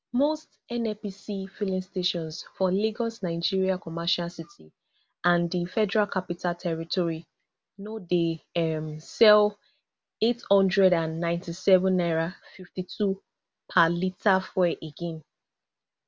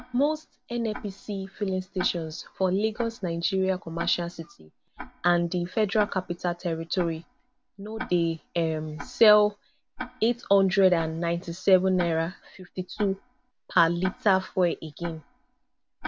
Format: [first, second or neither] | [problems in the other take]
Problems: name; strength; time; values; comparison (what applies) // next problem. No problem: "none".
first | background sound (Tick-tock); 16 dB below the speech